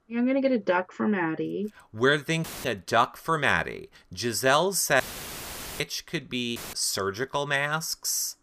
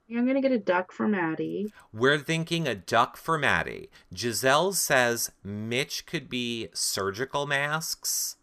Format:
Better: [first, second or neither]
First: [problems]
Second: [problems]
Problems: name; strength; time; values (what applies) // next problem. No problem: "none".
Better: second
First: audio cutting out; filled with static; at 2.5 s, at 5 s for 1 s and at 6.5 s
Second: none